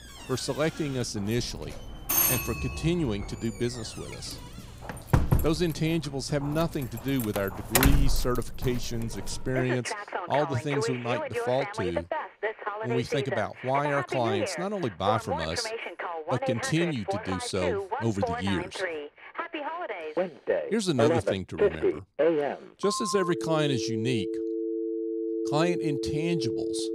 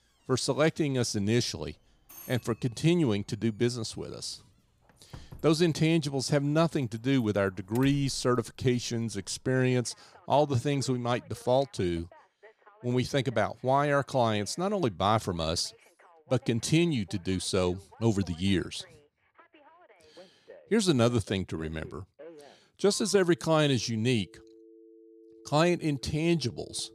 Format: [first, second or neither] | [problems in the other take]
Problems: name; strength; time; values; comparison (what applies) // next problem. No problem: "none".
second | alarms or sirens; loud; throughout; as loud as the speech; faint in the second